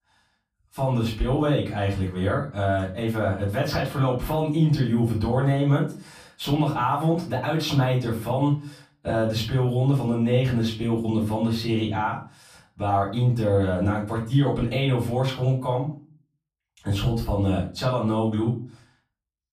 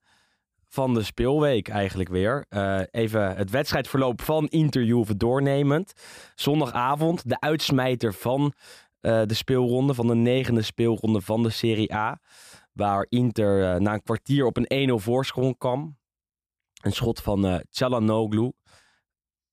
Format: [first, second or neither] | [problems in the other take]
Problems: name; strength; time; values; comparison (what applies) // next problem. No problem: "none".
second | off-mic speech; far // room echo; slight; dies away in 0.3 s